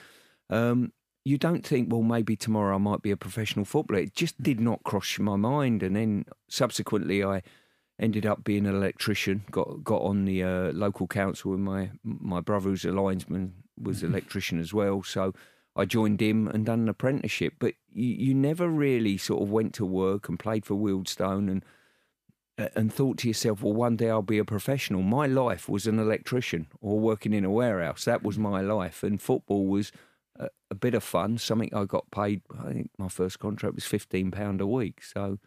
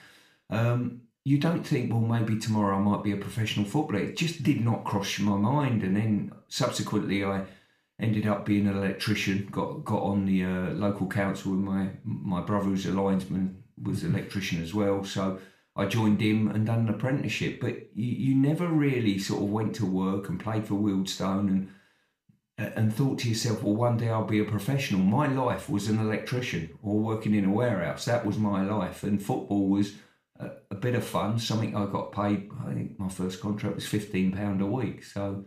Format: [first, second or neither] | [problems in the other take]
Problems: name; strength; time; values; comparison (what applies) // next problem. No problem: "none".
first | room echo; slight; dies away in 0.4 s // off-mic speech; somewhat distant